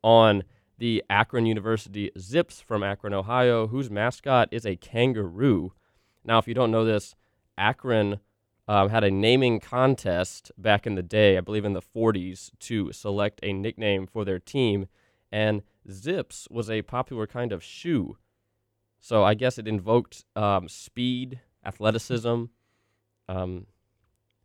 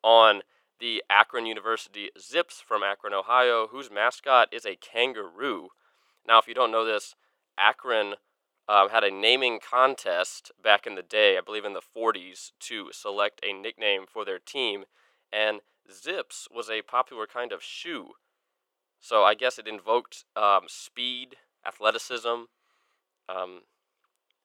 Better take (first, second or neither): first